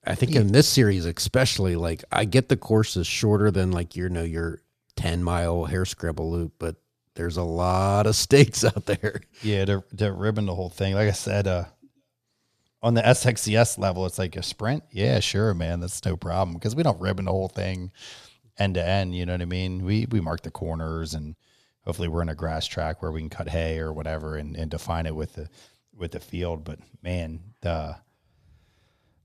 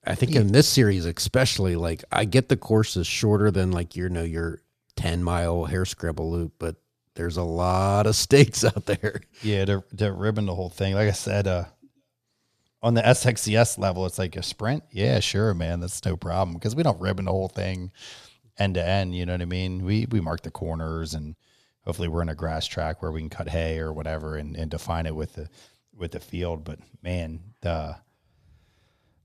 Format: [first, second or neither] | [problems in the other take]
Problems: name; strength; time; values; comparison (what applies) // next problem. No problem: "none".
neither | none